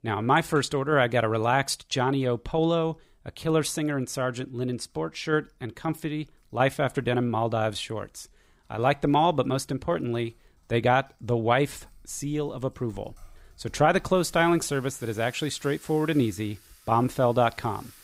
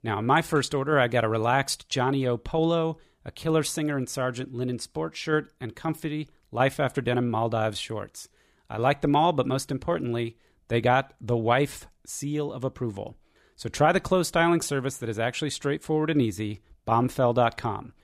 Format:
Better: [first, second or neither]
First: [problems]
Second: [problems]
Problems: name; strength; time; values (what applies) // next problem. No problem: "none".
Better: second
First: household noises; faint; throughout; 30 dB below the speech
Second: none